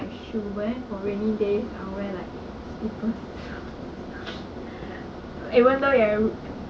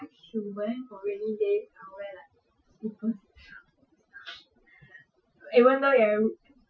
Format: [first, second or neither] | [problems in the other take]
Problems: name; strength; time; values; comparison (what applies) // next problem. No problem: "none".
first | noise reduction (classical method Wiener filter)